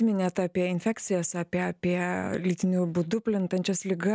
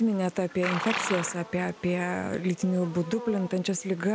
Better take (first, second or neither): first